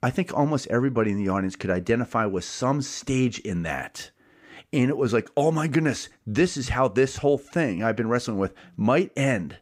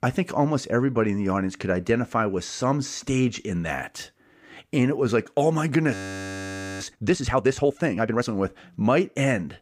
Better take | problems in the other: first | audio freezing; at 6 s for 1 s

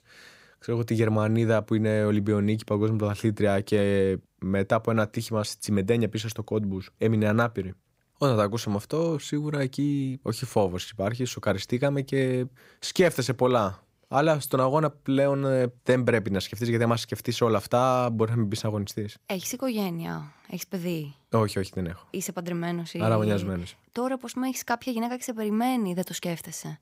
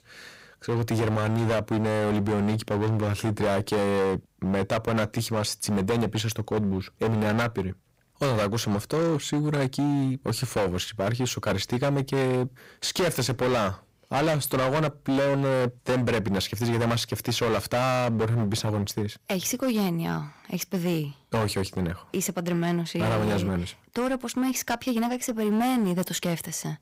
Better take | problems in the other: first | distortion; heavy; 21% of the sound clipped

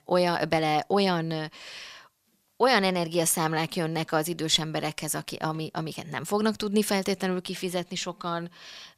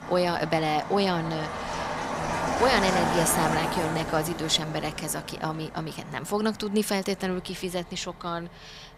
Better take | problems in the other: first | traffic noise; loud; throughout; 3 dB below the speech

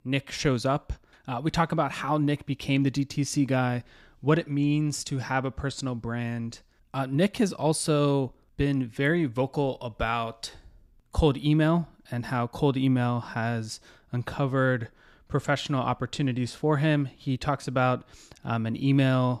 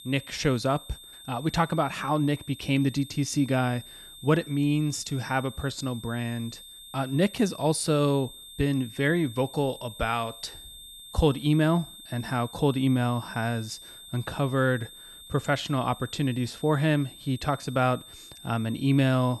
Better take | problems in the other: first | high-pitched whine; noticeable; throughout; 3.5 kHz, 15 dB below the speech

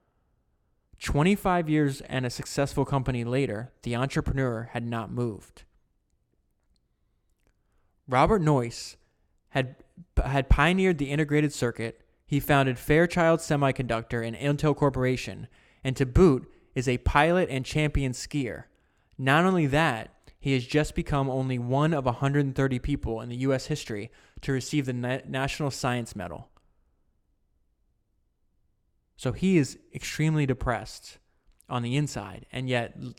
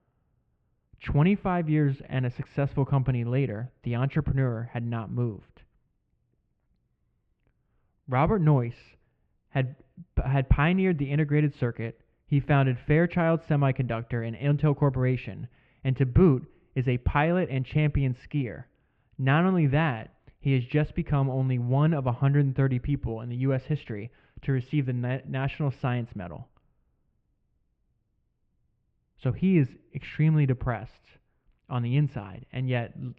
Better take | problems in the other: first | muffled; very; fading above 2.5 kHz

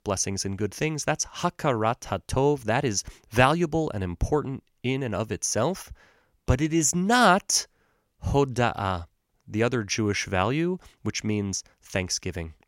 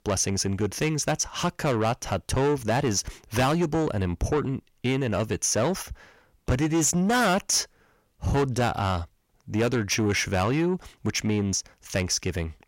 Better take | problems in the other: first | distortion; heavy; 7 dB below the speech

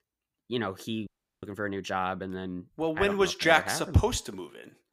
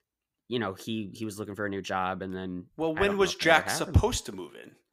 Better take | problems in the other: second | audio cutting out; at 1 s

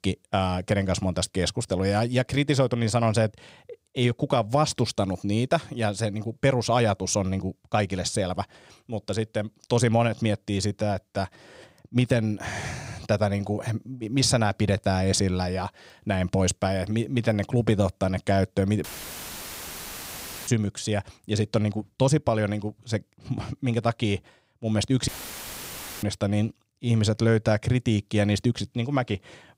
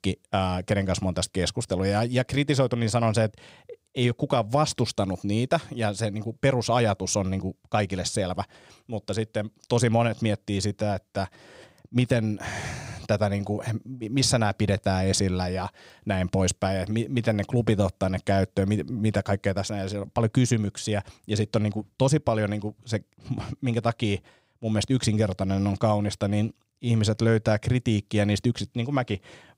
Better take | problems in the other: second | audio cutting out; filled with static; at 19 s for 1.5 s and at 25 s for 1 s

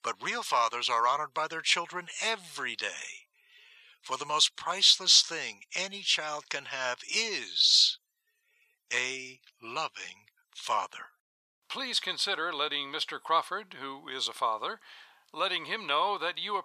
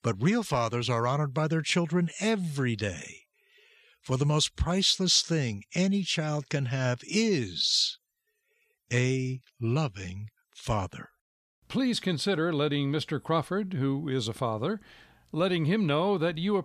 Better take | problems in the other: second | thin; very; fading below 750 Hz

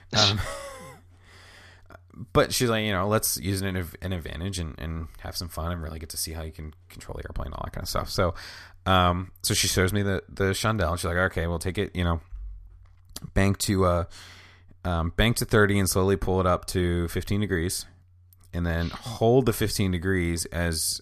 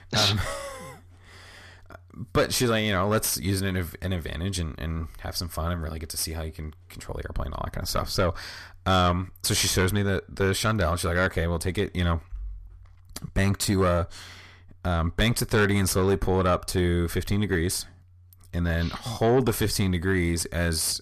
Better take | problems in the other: first | distortion; slight; 10 dB below the speech

